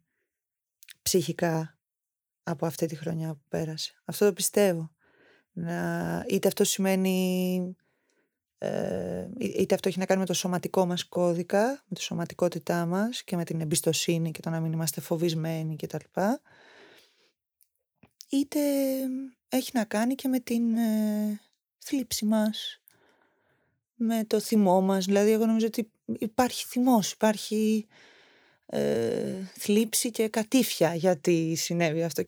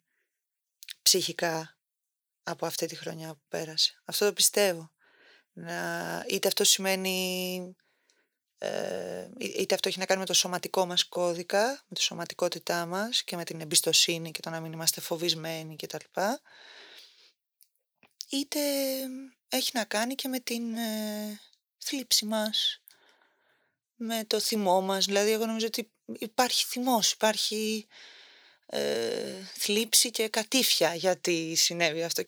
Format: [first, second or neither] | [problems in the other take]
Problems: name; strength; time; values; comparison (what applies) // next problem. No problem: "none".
first | thin; very slightly; fading below 750 Hz